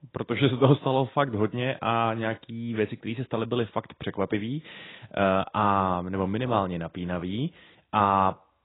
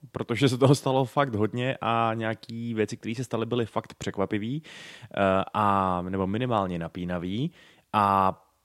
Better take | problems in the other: second | garbled, watery; badly; nothing above 3.5 kHz

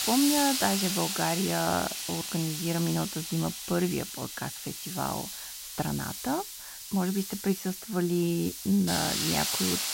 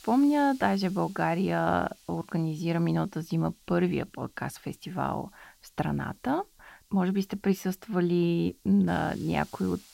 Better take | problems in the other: second | hiss; loud; throughout; 2 dB below the speech; faint in the second

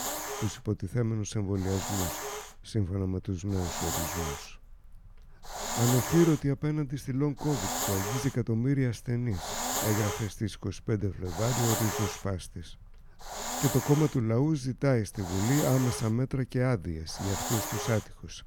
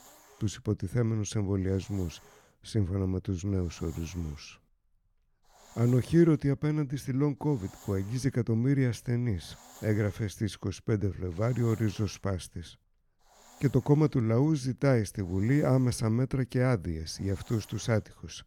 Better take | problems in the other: second | hiss; loud; throughout; 4 dB below the speech; faint in the second

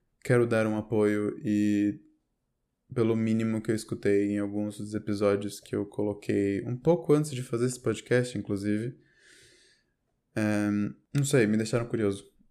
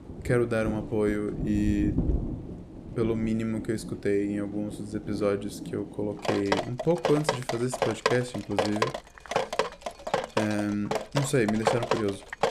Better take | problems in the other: first | rain or running water; loud; throughout; 3 dB below the speech

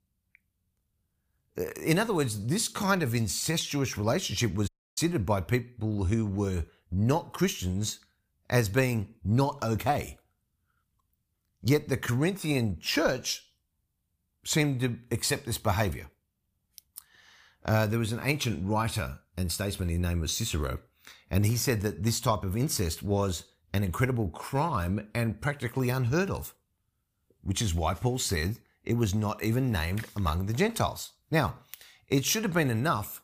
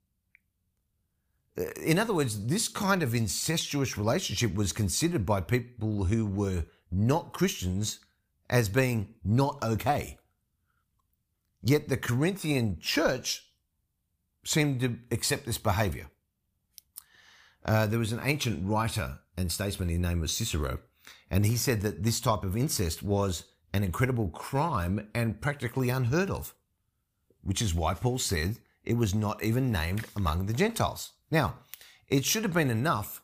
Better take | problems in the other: second | audio cutting out; at 4.5 s

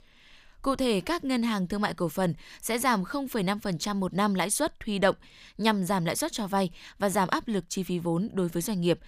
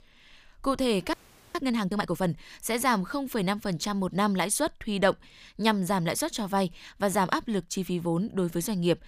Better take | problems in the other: first | audio freezing; at 1 s

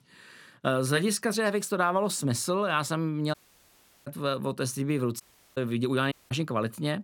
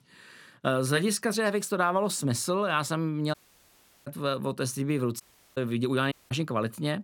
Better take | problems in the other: neither | audio cutting out; at 3.5 s for 0.5 s, at 5 s and at 6 s; the same in both

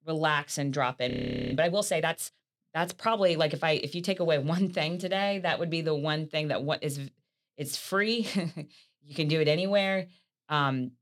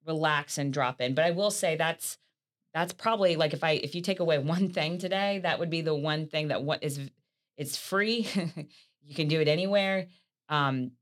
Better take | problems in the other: second | audio freezing; at 1 s

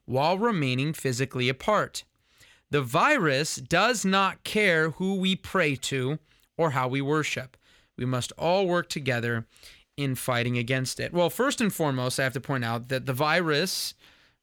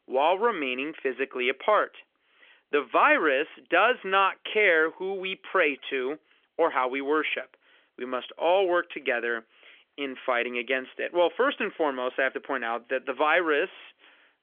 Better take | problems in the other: first | phone-call audio; nothing above 3.5 kHz

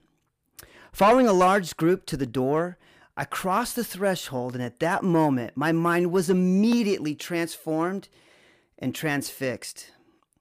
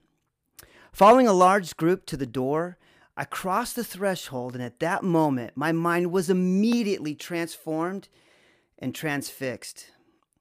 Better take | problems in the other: second | distortion; slight; 10 dB below the speech

